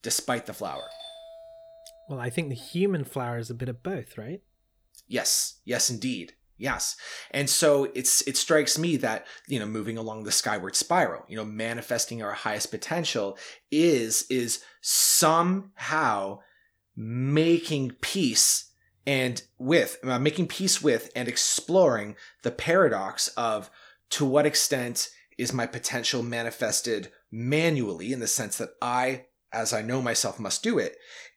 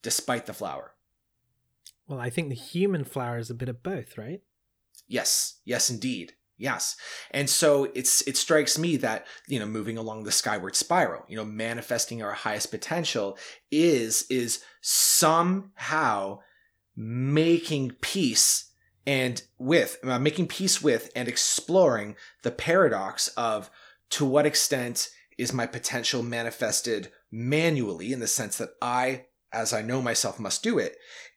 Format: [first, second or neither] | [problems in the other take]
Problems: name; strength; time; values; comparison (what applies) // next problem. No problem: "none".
second | doorbell; faint; from 0.5 to 7 s; peak 15 dB below the speech